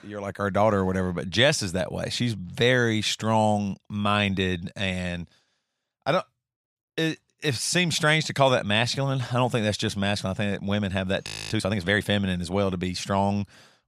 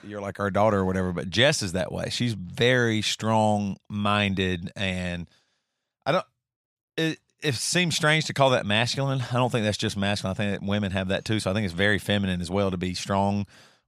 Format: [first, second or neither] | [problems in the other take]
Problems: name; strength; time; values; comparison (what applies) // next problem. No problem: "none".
second | audio freezing; at 11 s